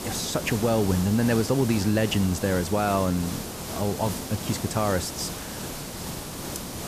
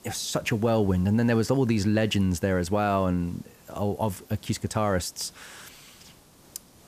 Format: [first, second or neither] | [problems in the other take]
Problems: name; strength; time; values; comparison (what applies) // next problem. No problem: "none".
second | hiss; loud; throughout; 8 dB below the speech; faint in the second